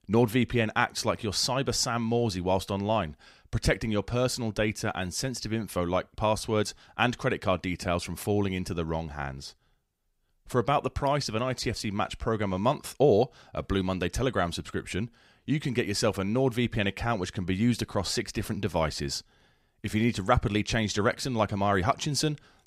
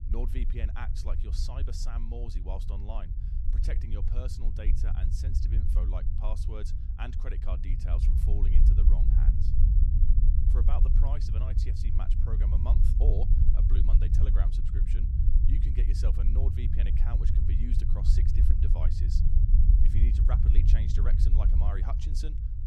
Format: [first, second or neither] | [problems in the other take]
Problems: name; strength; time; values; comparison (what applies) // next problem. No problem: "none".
first | low rumble; loud; throughout; 1 dB below the speech